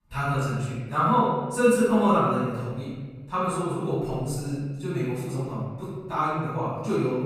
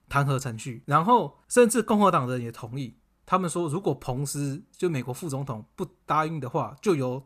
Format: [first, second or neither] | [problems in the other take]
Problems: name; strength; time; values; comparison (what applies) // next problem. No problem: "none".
second | off-mic speech; far // room echo; strong; dies away in 1.4 s